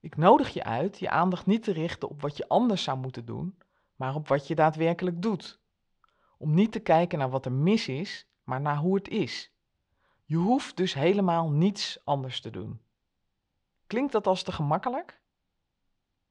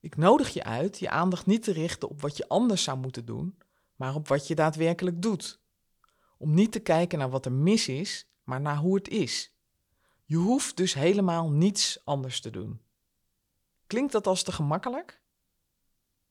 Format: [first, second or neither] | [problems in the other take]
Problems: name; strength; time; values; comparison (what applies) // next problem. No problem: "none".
second | muffled; slightly; fading above 3 kHz